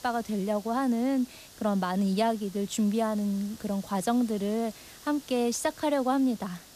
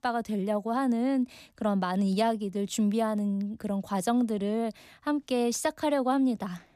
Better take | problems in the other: second | hiss; noticeable; throughout; 20 dB below the speech

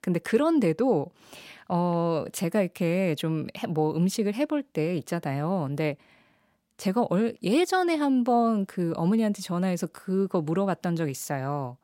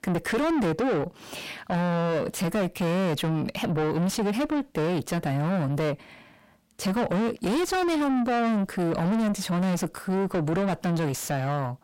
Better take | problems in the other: first | distortion; heavy; 6 dB below the speech

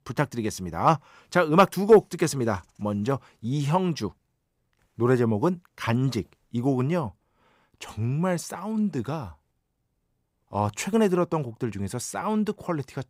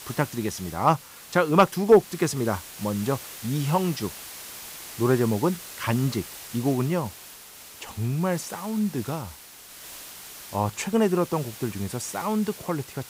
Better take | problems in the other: first | hiss; noticeable; throughout; 15 dB below the speech

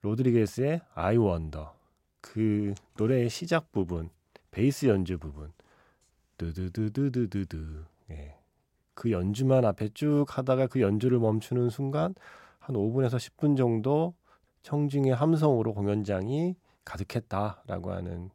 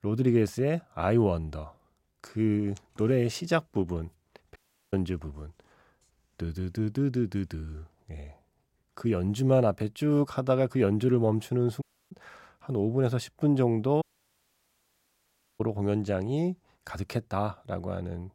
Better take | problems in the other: first | audio cutting out; at 4.5 s, at 12 s and at 14 s for 1.5 s

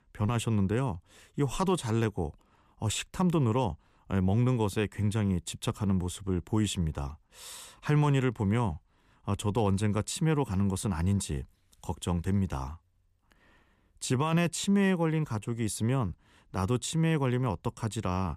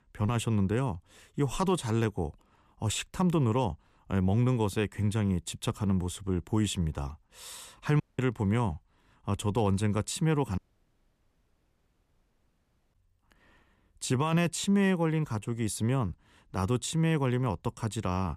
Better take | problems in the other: first | audio cutting out; at 8 s and at 11 s for 2.5 s

